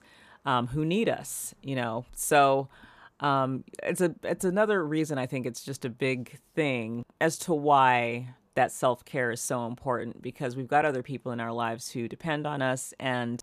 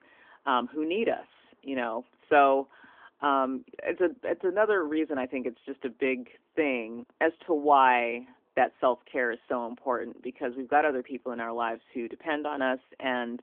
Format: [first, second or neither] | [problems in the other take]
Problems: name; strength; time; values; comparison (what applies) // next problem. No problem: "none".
first | phone-call audio